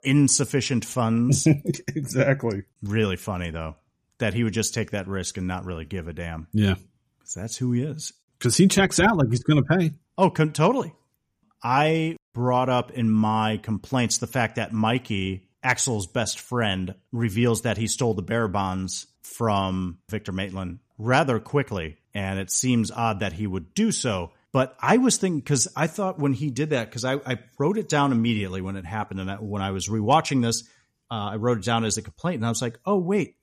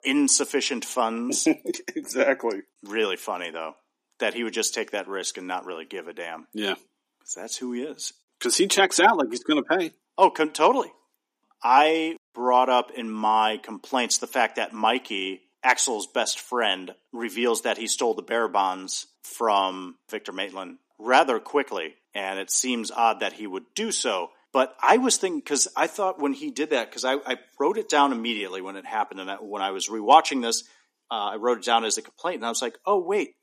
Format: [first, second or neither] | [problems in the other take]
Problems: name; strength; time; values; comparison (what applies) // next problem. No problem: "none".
first | thin; somewhat; fading below 250 Hz